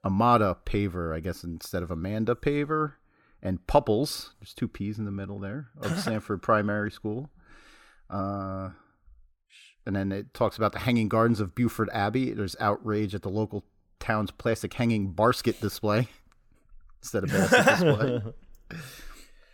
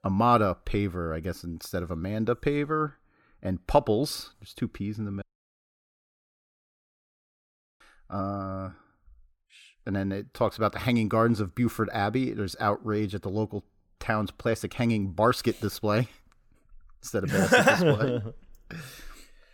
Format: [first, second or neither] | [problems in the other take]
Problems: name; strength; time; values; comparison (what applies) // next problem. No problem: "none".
first | audio cutting out; at 5 s for 2.5 s